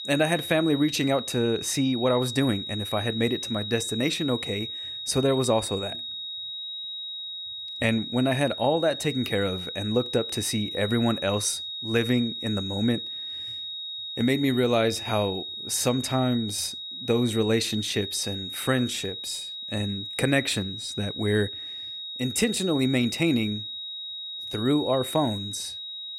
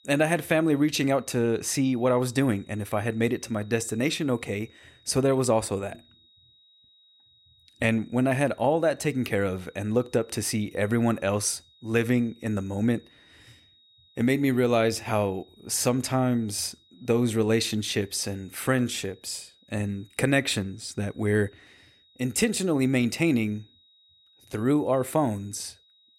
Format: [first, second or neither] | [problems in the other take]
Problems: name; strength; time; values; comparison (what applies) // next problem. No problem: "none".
second | high-pitched whine; loud; throughout; 4 kHz, 7 dB below the speech; faint in the second